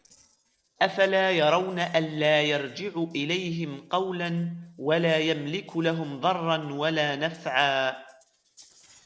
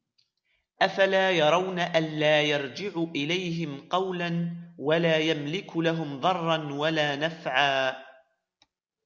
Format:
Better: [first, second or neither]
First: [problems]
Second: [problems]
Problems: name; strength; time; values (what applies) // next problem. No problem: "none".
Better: second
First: noise reduction (neural separator model SepFormer DNS4)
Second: none